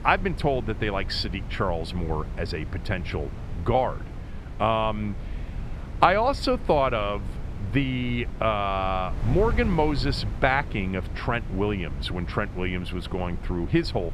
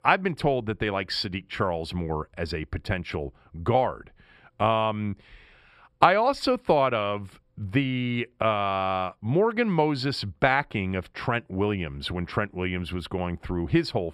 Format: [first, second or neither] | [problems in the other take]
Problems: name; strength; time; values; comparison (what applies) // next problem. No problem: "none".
second | wind noise on the microphone; occasional gusts; 20 dB below the speech